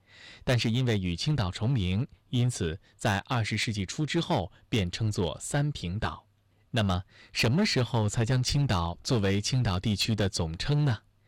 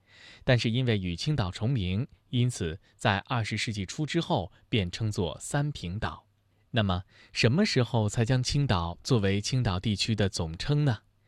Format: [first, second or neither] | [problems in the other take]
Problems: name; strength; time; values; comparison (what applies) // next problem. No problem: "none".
second | distortion; slight; 6% of the sound clipped